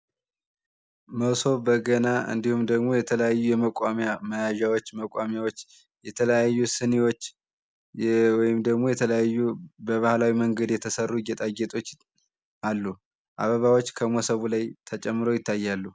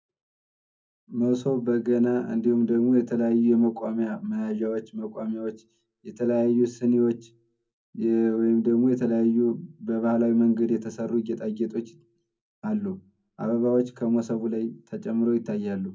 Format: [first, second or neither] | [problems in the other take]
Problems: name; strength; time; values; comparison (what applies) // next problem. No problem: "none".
first | room echo; dies away in 0.3 s